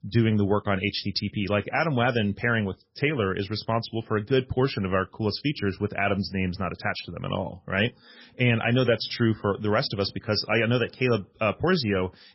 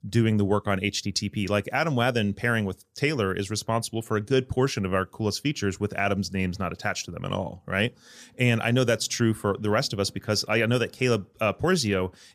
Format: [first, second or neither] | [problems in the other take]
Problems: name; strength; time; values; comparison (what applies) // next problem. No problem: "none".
second | garbled, watery; badly; nothing above 5.5 kHz